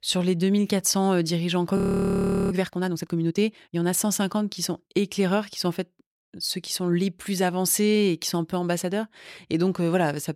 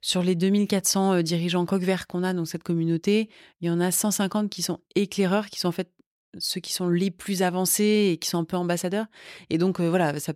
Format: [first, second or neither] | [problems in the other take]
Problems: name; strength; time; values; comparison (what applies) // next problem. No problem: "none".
second | audio freezing; at 2 s for 0.5 s